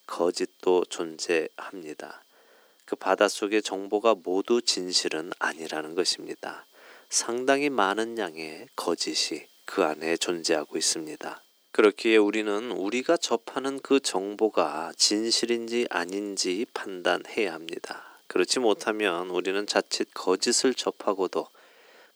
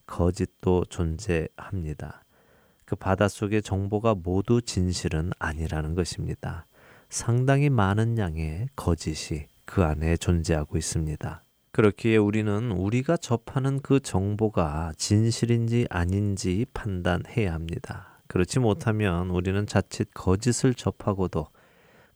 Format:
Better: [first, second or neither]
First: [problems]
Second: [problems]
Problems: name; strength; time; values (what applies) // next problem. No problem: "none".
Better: second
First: thin; somewhat; fading below 300 Hz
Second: none